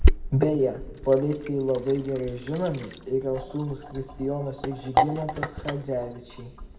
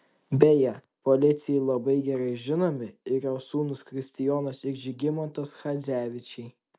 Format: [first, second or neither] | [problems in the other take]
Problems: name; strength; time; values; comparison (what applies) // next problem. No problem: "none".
second | background sound (Sink (filling or washing)); 1 dB below the speech // room echo; dies away in 1.1 s